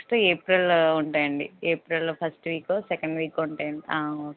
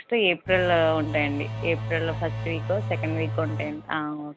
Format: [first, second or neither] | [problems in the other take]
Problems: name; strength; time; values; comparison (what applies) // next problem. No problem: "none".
first | background sound (Engine / Domestic sounds, home sounds); 5 dB below the speech